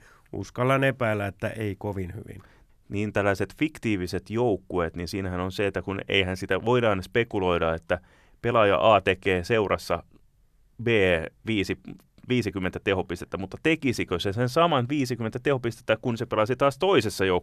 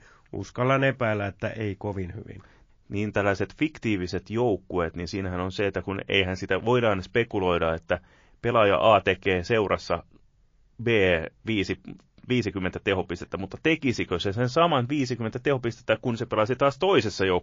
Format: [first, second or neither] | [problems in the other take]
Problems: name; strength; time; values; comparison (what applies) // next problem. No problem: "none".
first | garbled, watery; slightly; nothing above 6 kHz